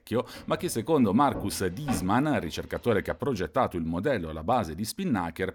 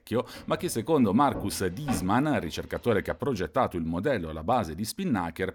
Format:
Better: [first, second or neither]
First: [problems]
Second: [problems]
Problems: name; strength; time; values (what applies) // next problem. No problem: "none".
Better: neither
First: household noises; noticeable; until 3 s; 15 dB below the speech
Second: household noises; noticeable; until 3 s; 15 dB below the speech